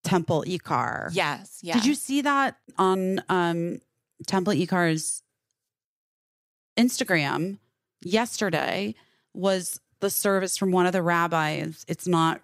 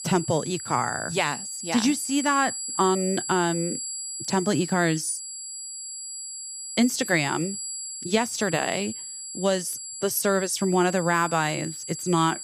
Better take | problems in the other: first | high-pitched whine; loud; throughout; 7.5 kHz, 7 dB below the speech

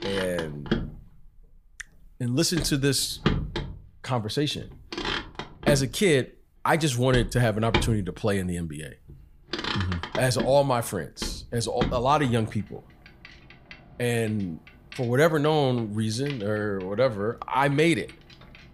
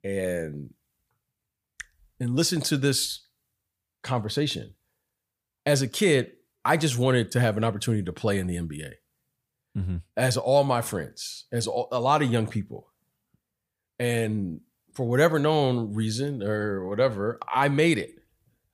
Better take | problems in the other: second | traffic noise; loud; throughout; 7 dB below the speech

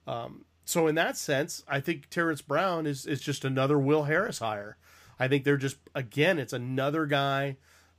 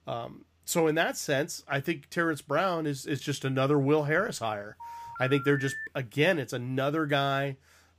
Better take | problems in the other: first | phone ringing; noticeable; from 5 to 6 s; peak 7 dB below the speech

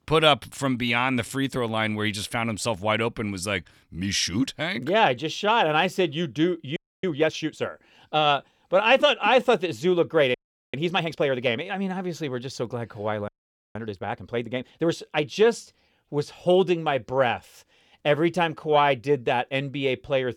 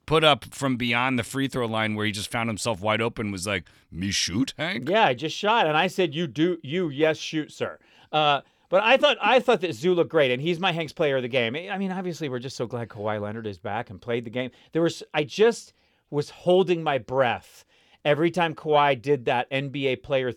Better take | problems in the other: second | audio freezing; at 7 s, at 10 s and at 13 s

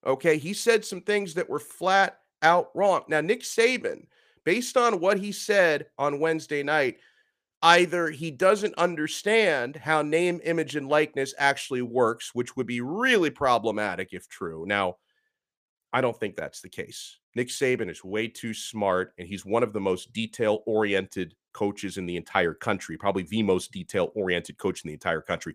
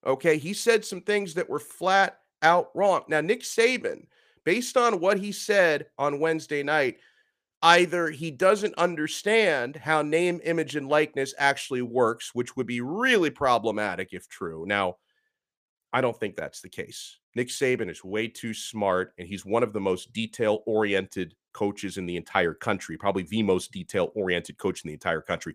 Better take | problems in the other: neither | none

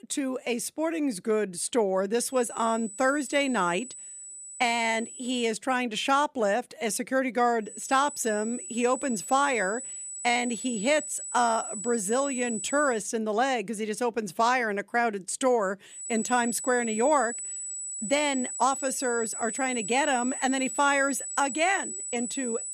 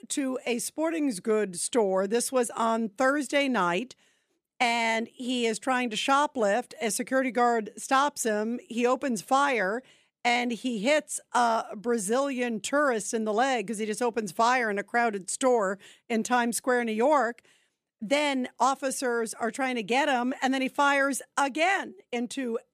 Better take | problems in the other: second | high-pitched whine; loud; from 2.5 to 5.5 s, from 7.5 to 13 s and from 16 s on; 8 kHz, 7 dB below the speech

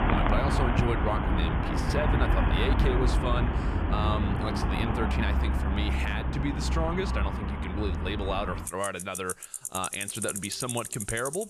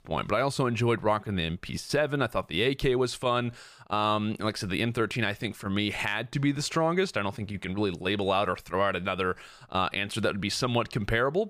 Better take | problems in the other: second | traffic noise; very loud; throughout; 4 dB above the speech

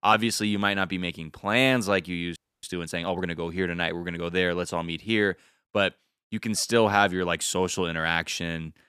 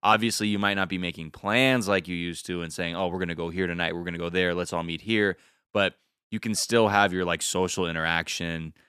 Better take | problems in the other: second | audio freezing; at 2.5 s

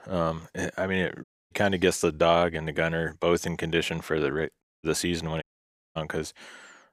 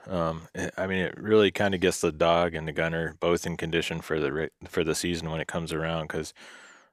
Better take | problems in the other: second | audio cutting out; at 1 s, at 4.5 s and at 5.5 s for 0.5 s

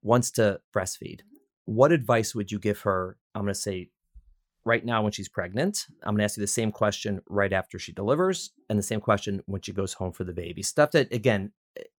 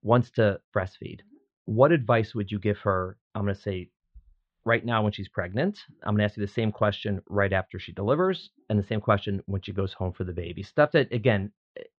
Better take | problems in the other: first | muffled; very; fading above 3.5 kHz

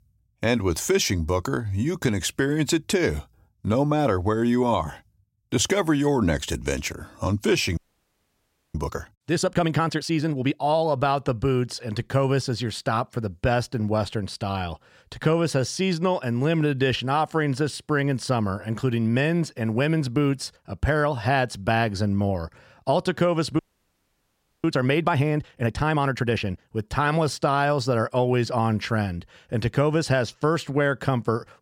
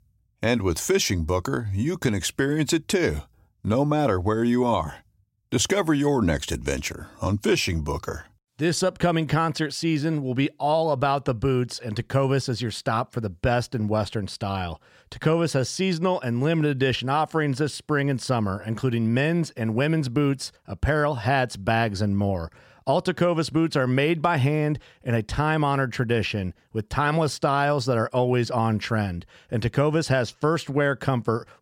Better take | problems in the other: second | audio freezing; at 8 s for 1 s and at 24 s for 1 s

